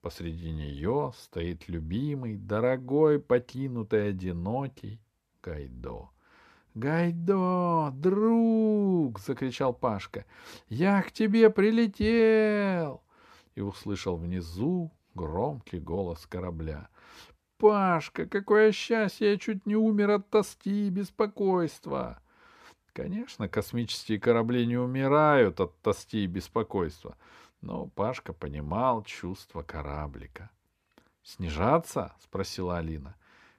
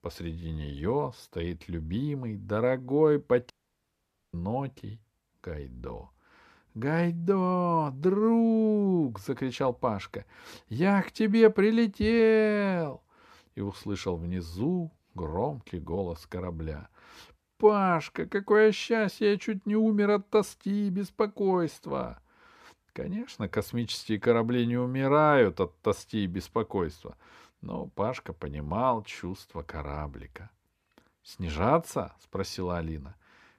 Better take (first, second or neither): first